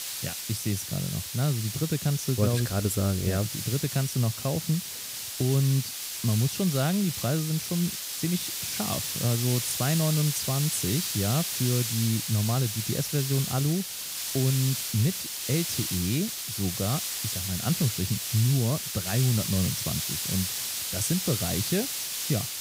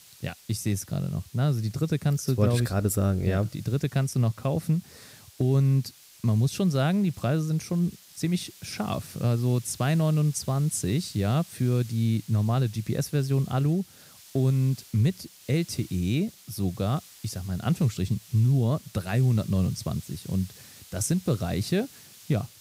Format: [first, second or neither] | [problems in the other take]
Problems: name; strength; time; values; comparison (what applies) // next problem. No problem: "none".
second | hiss; loud; throughout; 2 dB below the speech; faint in the second